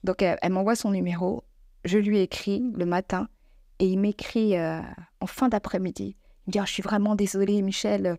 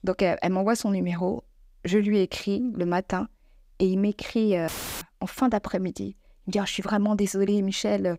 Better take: first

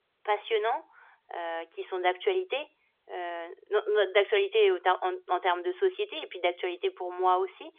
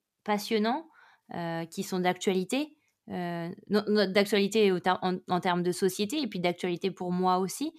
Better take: second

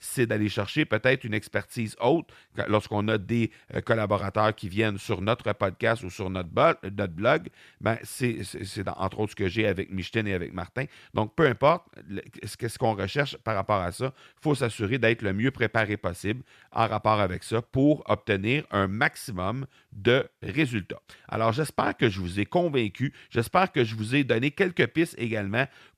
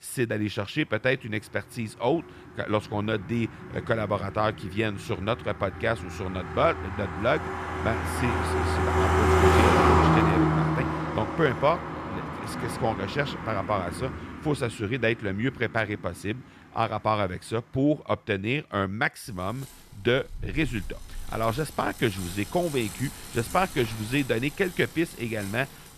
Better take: first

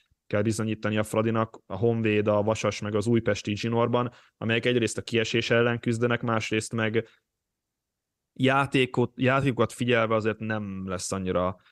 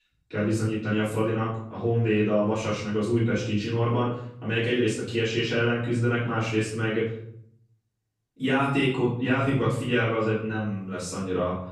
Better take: first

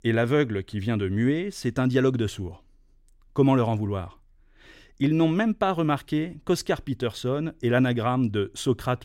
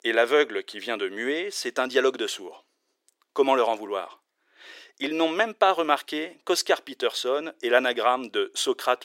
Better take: first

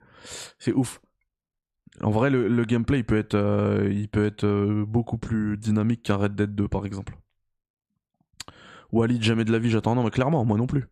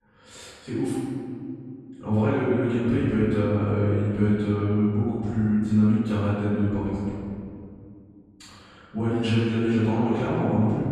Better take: first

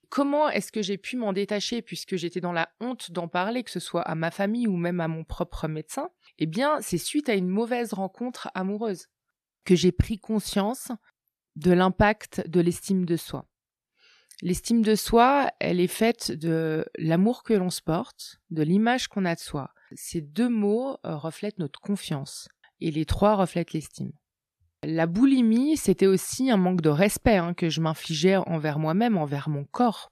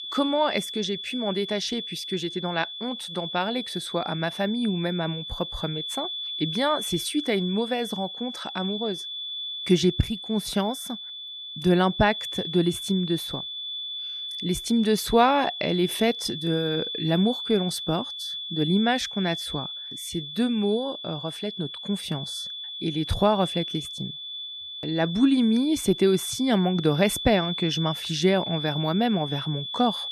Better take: first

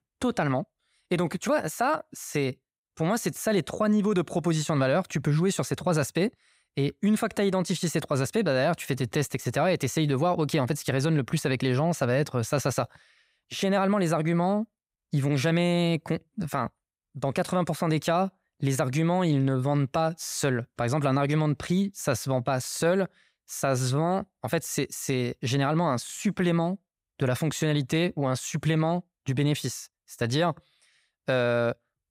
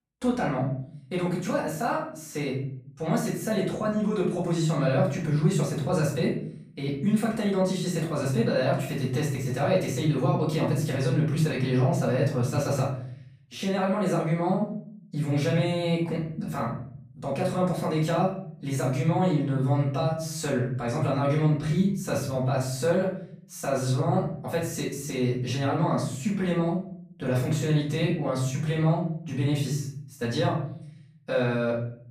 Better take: first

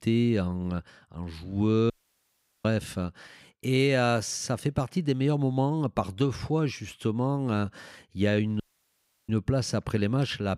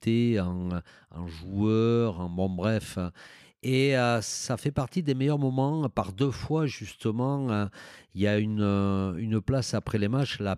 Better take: second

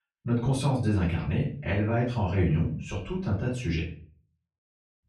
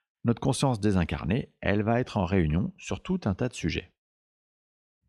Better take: second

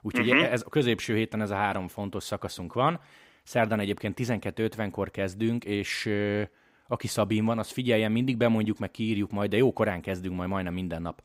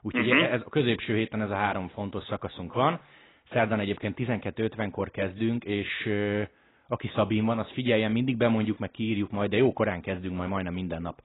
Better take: first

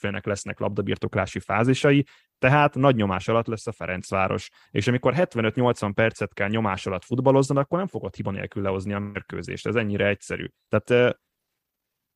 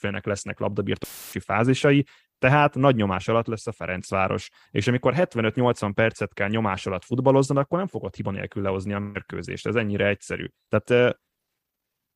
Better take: first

